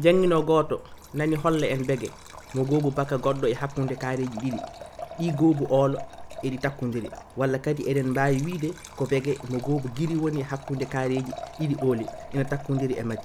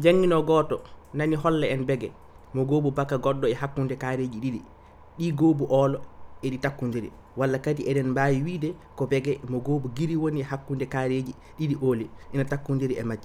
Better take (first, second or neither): second